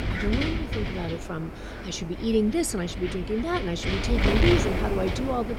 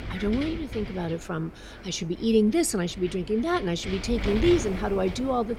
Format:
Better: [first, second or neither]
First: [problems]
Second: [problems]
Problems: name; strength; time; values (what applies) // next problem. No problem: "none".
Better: second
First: wind noise on the microphone; heavy; 1 dB below the speech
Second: wind noise on the microphone; occasional gusts; 10 dB below the speech